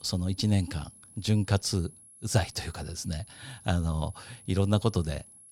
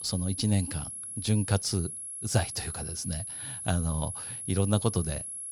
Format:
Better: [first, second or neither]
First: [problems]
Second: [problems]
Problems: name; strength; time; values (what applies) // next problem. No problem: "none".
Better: first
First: high-pitched whine; faint; throughout; 11 kHz, 20 dB below the speech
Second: high-pitched whine; loud; throughout; 11 kHz, 5 dB below the speech